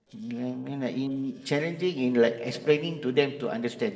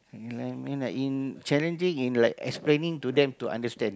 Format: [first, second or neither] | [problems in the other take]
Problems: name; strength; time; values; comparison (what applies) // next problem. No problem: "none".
second | noise reduction (neural separator model SepFormer DNS4)